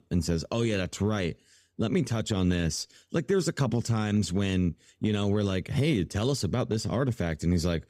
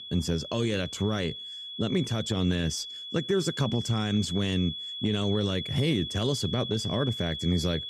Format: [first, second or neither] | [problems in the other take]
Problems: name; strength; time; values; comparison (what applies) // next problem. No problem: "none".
first | high-pitched whine; loud; throughout; 3.5 kHz, 7 dB below the speech